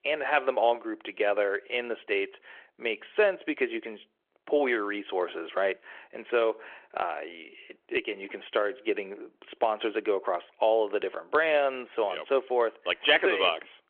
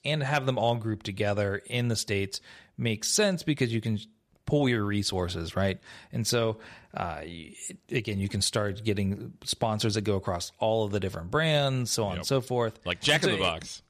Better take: second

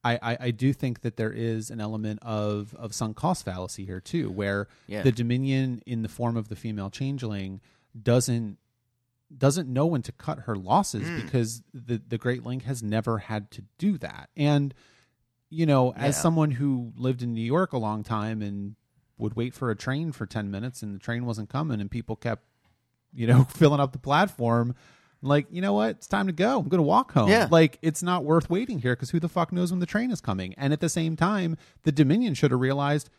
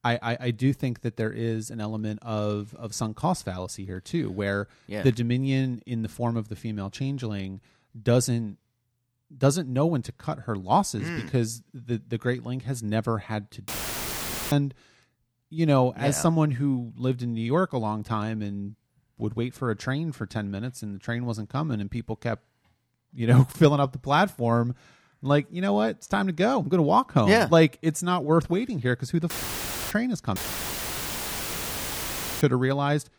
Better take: first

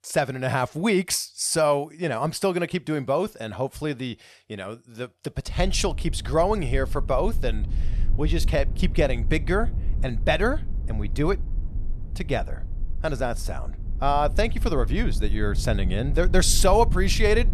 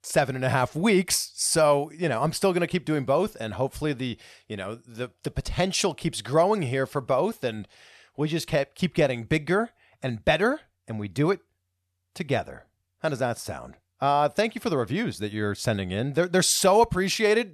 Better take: second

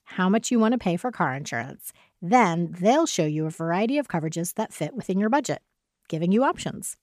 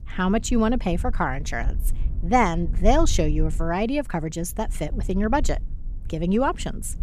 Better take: first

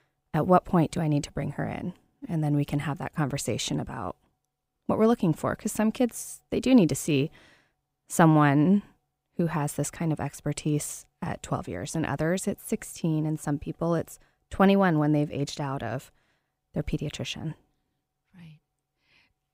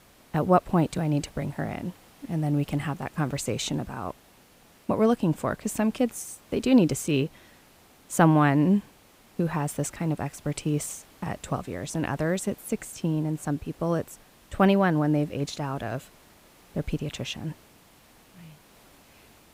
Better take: first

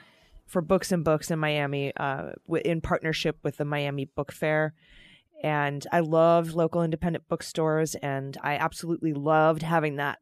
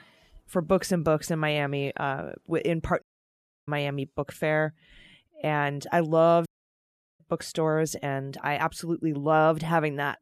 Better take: first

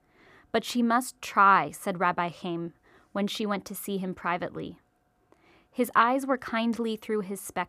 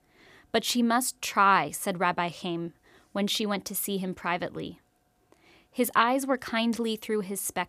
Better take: second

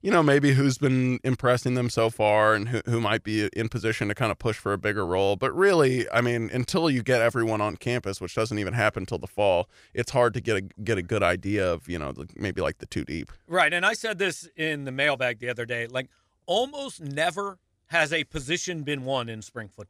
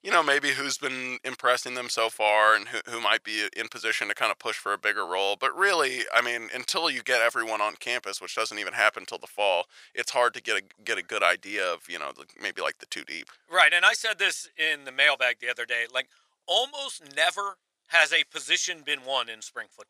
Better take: first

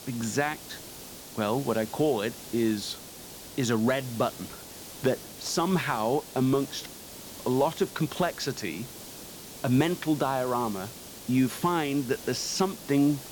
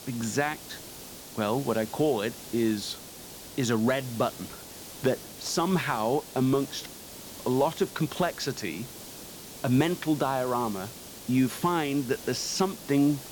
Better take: neither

